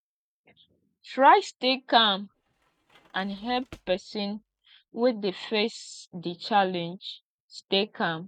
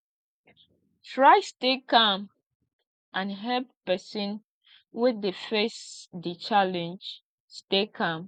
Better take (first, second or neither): second